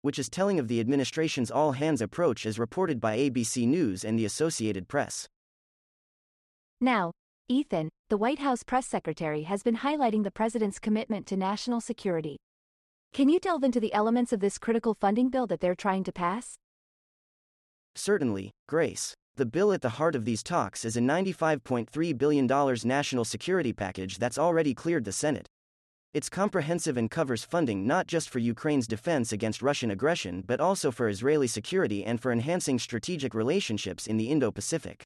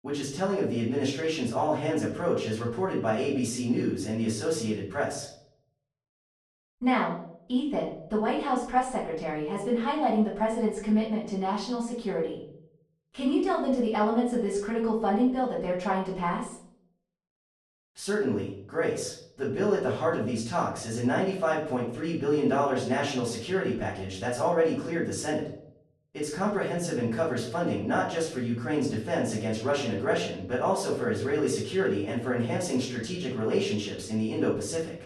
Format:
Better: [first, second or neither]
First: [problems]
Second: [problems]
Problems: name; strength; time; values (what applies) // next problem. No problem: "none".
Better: first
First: none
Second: off-mic speech; far // room echo; noticeable; dies away in 0.6 s